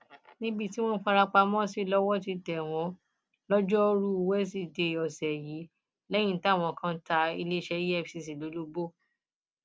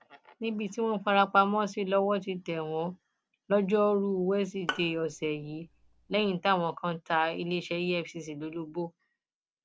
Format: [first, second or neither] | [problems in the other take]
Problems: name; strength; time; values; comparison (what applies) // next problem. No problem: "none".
first | background sound (Bowed string instrument); 12 dB below the speech